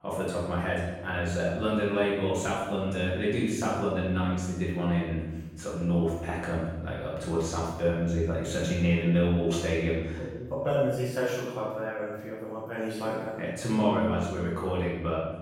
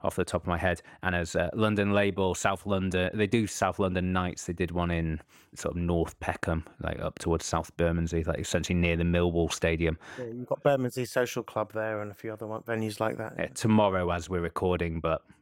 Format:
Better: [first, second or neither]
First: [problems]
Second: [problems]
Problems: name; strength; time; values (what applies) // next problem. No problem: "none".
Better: second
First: off-mic speech; far // room echo; strong; dies away in 1.1 s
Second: none